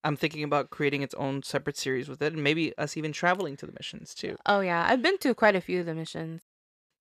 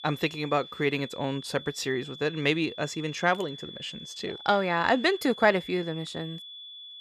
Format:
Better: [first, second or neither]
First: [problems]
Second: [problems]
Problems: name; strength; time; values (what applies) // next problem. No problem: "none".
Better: first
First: none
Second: high-pitched whine; noticeable; throughout; 3.5 kHz, 15 dB below the speech